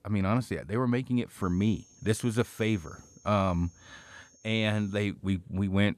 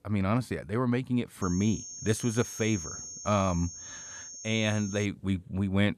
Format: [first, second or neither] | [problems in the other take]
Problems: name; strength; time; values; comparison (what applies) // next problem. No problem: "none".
first | high-pitched whine; loud; from 1.5 to 5 s; 6.5 kHz, 10 dB below the speech; faint in the first